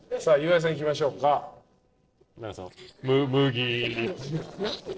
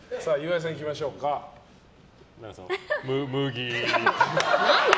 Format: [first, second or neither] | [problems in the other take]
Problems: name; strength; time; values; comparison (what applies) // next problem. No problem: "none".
second | noise reduction (neural separator model SepFormer DNS4)